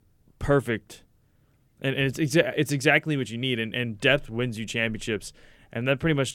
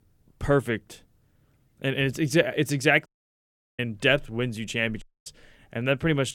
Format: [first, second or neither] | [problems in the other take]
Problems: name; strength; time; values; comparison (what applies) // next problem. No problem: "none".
first | audio cutting out; at 3 s for 0.5 s and at 5 s